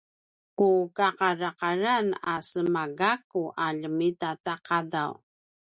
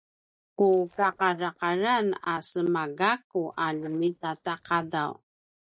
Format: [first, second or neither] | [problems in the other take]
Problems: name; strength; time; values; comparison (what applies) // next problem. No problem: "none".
first | noise reduction (neural mask model DeepFilterNet 3)